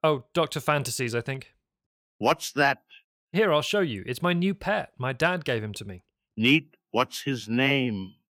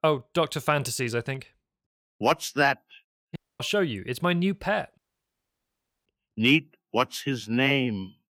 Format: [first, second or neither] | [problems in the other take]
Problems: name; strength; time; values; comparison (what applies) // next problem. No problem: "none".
first | audio cutting out; at 3.5 s and at 5 s for 1 s